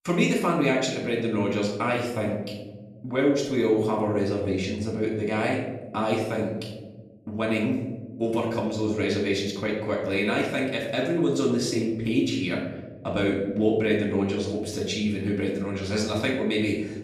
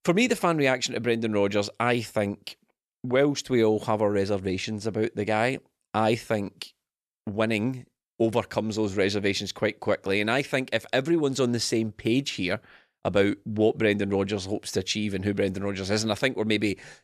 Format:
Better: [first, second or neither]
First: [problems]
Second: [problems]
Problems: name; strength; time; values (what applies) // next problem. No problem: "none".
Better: second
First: off-mic speech; far // room echo; noticeable; dies away in 1.3 s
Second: none